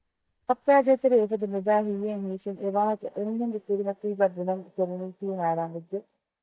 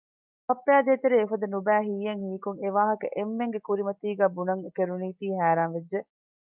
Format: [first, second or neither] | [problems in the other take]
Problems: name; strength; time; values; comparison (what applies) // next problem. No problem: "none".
second | noise reduction (neural mask model DeepFilterNet 3)